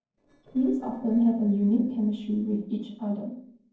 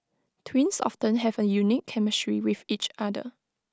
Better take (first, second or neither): second